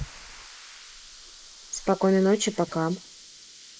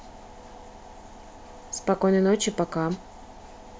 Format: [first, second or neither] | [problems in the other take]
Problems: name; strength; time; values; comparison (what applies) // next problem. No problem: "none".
second | noise reduction (neural mask model Resemble Enhance denoiser)